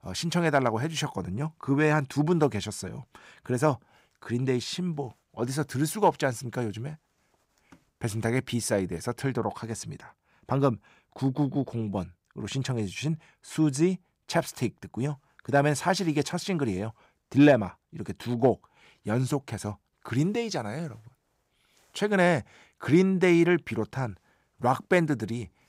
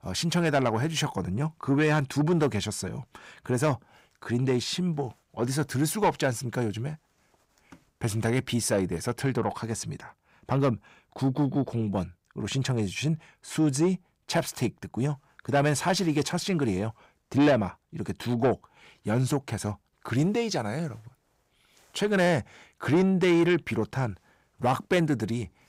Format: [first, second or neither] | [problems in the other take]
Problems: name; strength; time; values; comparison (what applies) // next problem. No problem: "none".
first | distortion; slight; 10 dB below the speech